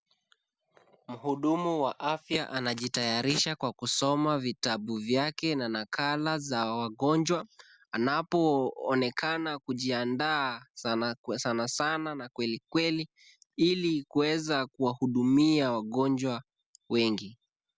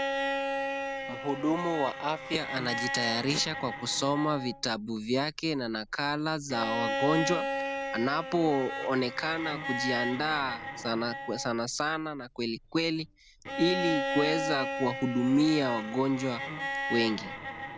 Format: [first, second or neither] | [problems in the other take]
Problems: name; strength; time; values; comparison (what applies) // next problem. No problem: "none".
first | background sound (Bowed string instrument); 5 dB below the speech